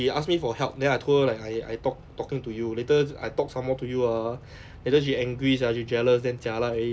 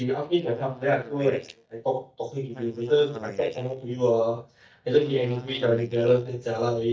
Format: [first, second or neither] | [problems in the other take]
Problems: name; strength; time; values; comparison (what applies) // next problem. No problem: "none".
first | noise reduction (neural mask model DeepFilterNet 3)